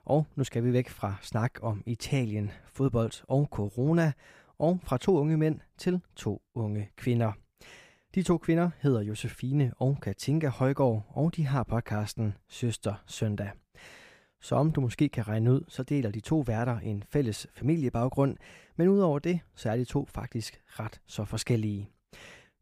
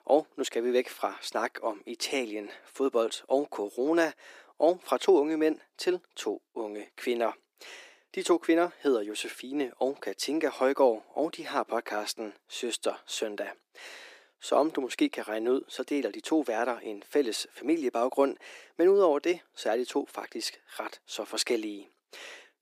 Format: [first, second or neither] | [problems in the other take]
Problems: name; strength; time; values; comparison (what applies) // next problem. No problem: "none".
first | thin; somewhat; fading below 300 Hz